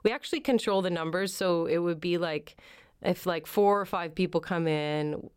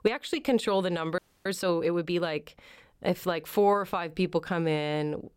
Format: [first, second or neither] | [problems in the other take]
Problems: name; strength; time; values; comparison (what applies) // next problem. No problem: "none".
first | audio freezing; at 1 s